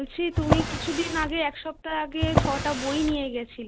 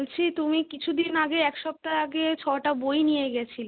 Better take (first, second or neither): second